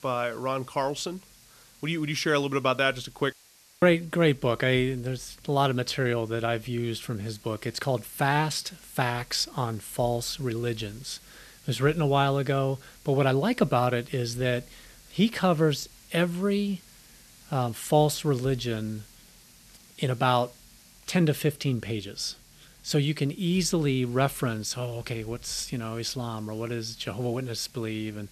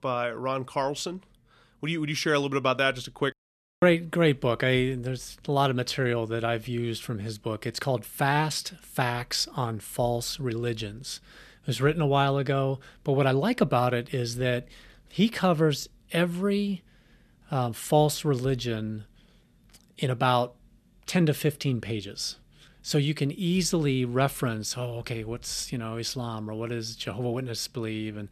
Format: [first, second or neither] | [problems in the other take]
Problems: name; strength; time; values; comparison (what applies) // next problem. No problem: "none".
second | hiss; faint; throughout; 25 dB below the speech